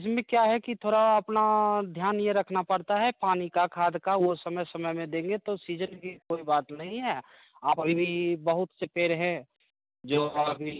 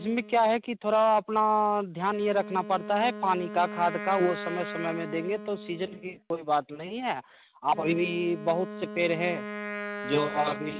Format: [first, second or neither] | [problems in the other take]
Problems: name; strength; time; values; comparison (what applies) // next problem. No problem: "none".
first | background sound (Wind instrument, woodwind instrument); 11 dB below the speech